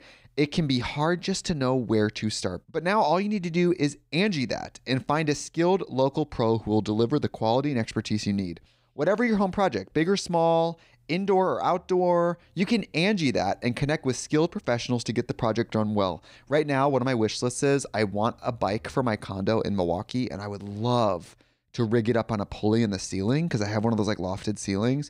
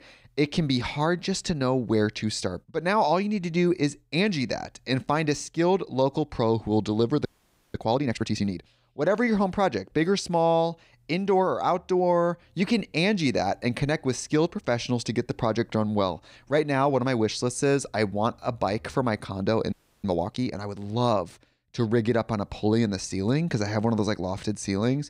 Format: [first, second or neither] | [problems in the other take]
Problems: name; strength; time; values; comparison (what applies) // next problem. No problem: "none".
first | audio freezing; at 7.5 s and at 20 s